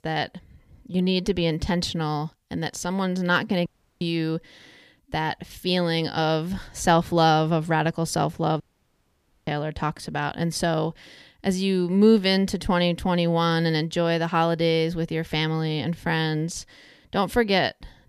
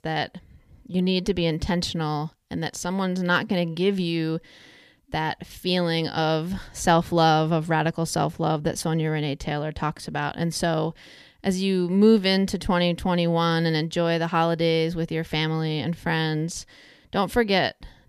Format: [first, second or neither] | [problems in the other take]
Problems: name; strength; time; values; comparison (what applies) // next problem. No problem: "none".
second | audio cutting out; at 3.5 s and at 8.5 s for 1 s